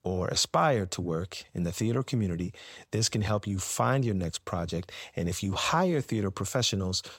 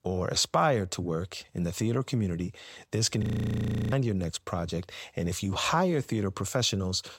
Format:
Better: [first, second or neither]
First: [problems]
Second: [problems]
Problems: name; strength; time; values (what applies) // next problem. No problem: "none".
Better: first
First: none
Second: audio freezing; at 3 s for 0.5 s